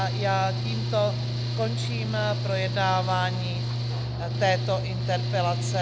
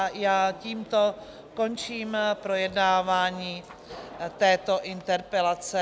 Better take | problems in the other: second | background sound (Mechanical fan / Engine); 1 dB above the speech

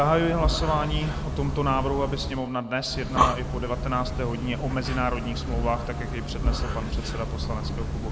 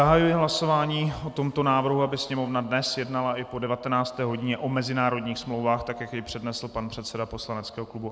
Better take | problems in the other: second | background sound (Breathing); as loud as the speech

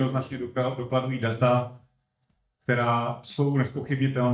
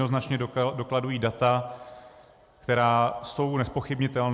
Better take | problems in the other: second | noise reduction (neural mask model DeepFilterNet 3)

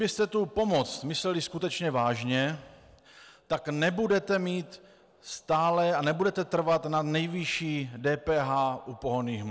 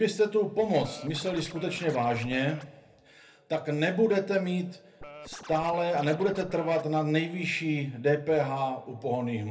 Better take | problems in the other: first | background sound (Scratching (performance technique)); 17 dB below the speech // room echo; dies away in 0.3 s

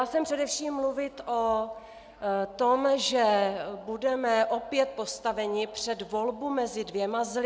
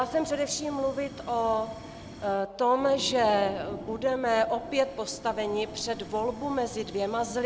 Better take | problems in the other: first | background sound (Fire); 15 dB below the speech

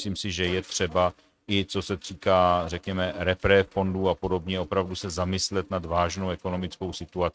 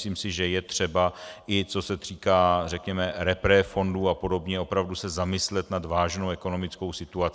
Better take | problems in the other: second | noise reduction (neural mask model RNNoise)

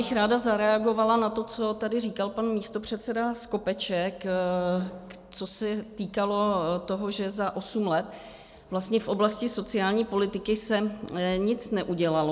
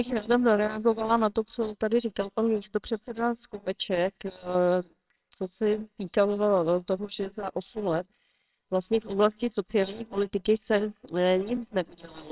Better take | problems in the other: first | noise reduction (neural separator model SepFormer WHAMR!)

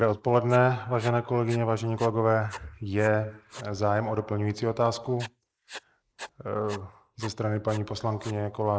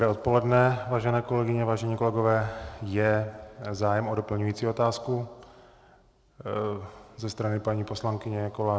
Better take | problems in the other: second | noise reduction (neural mask model Resemble Enhance denoiser)

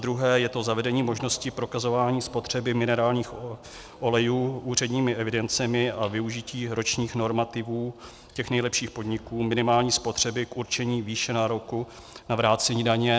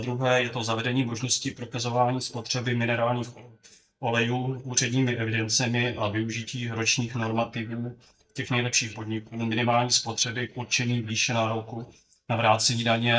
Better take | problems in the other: first | noise reduction (neural mask model DeepFilterNet 3)

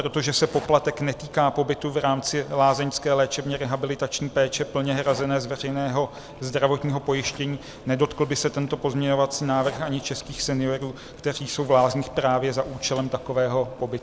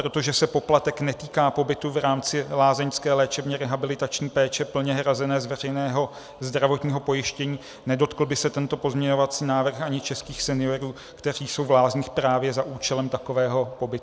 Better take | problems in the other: second | background sound (Zipper (clothing) + Boiling); 19 dB below the speech

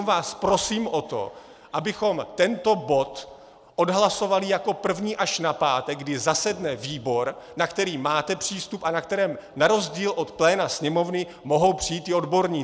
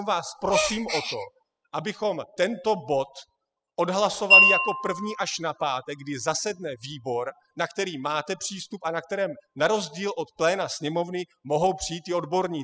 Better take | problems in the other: first | noise reduction (classical method spectral subtraction)

